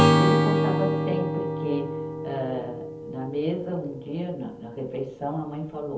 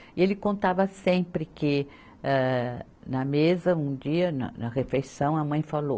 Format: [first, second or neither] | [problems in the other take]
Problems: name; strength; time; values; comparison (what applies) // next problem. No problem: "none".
second | background sound (Acoustic guitar / Strum); 5 dB above the speech // room echo; dies away in 0.7 s